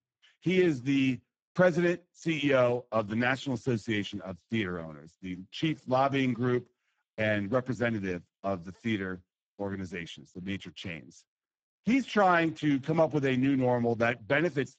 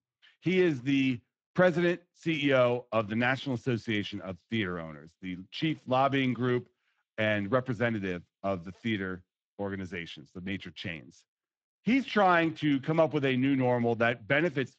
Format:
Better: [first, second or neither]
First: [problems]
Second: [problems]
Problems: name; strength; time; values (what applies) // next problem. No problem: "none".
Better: second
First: garbled, watery; badly; nothing above 7.5 kHz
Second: garbled, watery; slightly